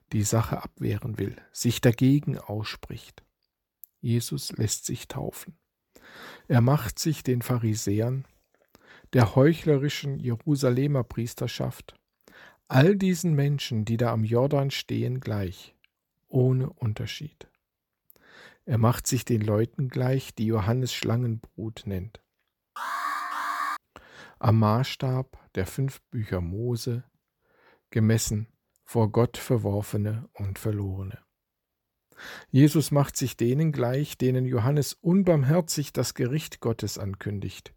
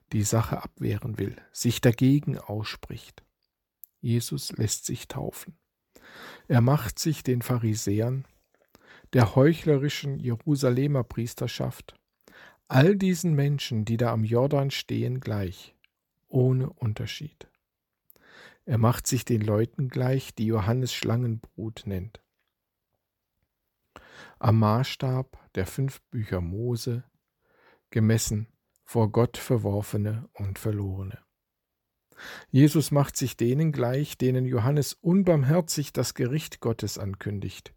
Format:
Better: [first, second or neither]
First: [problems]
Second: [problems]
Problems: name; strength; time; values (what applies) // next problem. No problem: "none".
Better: second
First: alarm; noticeable; from 23 to 24 s; peak 3 dB below the speech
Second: none